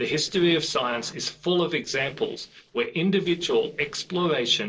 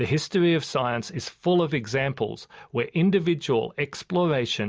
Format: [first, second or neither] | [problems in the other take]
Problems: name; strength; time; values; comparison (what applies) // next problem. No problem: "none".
second | noise reduction (neural separator model SepFormer DNS4)